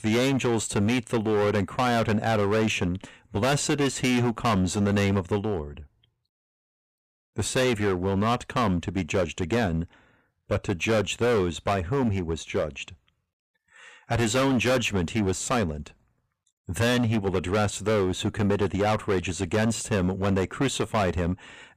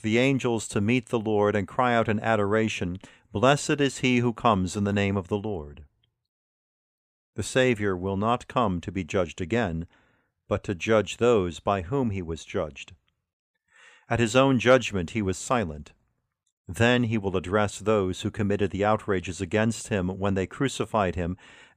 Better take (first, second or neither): second